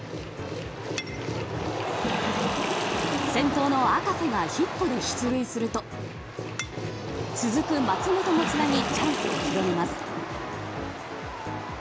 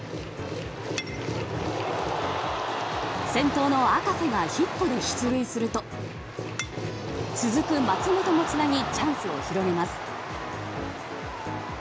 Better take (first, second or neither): second